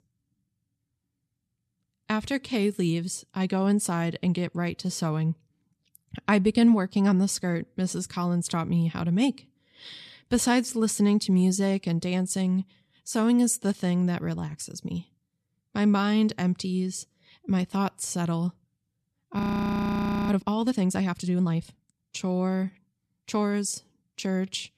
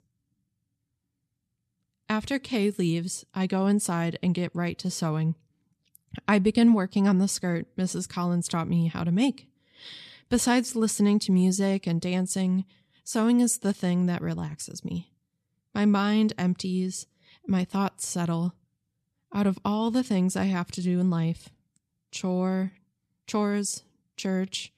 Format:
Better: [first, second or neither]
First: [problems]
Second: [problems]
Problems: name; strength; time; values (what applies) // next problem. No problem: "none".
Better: second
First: audio freezing; at 19 s for 1 s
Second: none